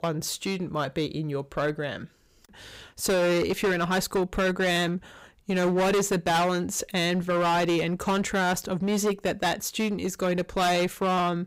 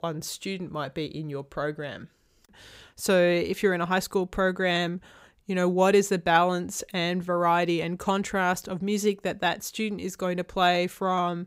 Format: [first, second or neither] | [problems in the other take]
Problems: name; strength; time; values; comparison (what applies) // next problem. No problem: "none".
second | distortion; heavy; 16% of the sound clipped